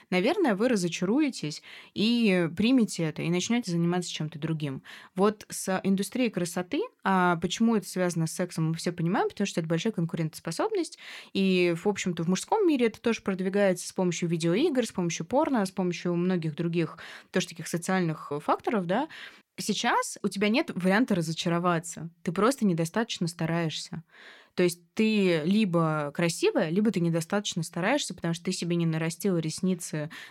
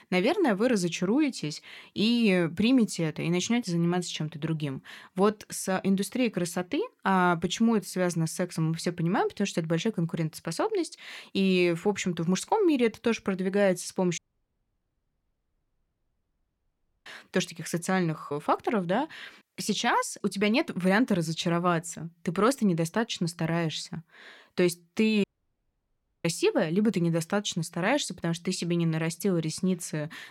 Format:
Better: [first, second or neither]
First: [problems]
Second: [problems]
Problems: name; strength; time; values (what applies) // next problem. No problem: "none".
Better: first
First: none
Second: audio cutting out; at 14 s for 3 s and at 25 s for 1 s